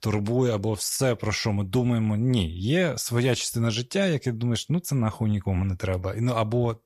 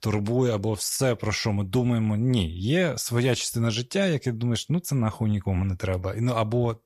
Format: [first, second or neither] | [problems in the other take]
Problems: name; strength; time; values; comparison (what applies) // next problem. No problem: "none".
neither | none